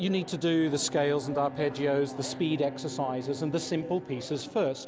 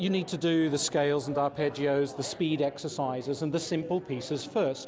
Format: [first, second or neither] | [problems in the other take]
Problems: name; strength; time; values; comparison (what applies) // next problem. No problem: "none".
second | background sound (Bowed string instrument); 15 dB below the speech